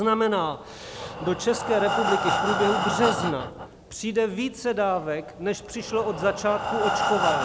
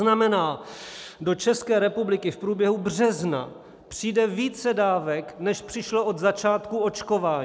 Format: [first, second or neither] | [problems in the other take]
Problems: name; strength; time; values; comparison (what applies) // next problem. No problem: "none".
second | background sound (Breathing); 3 dB below the speech